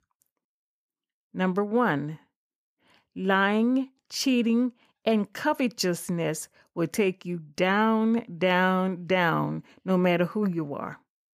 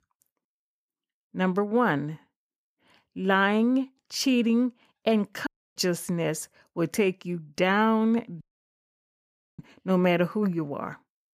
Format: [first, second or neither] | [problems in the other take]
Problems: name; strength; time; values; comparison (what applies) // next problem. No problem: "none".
first | audio cutting out; at 5.5 s and at 8.5 s for 1 s